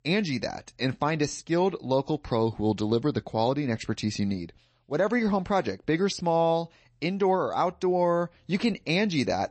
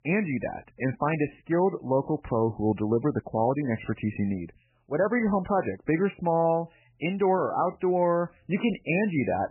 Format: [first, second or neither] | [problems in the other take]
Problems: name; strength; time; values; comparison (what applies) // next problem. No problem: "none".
first | garbled, watery; badly; nothing above 3 kHz; slightly in the first